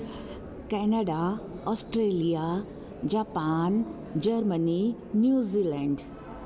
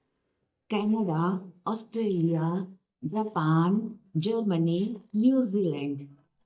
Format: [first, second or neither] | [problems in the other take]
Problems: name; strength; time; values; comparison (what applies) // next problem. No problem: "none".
first | noise reduction (neural mask model DeepFilterNet 3)